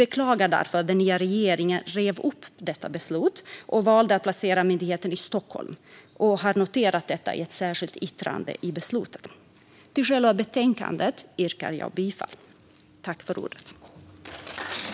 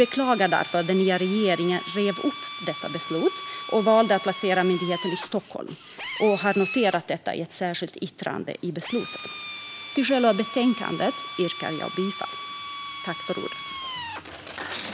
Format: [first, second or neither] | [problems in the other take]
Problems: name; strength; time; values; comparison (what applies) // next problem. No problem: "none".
first | background sound (Drill); 11 dB below the speech